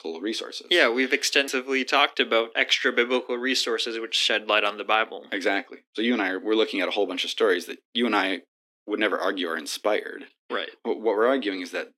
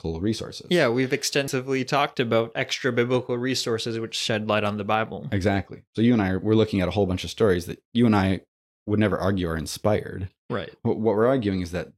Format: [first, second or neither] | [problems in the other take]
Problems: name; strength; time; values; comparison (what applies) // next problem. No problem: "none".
second | thin; somewhat; fading below 250 Hz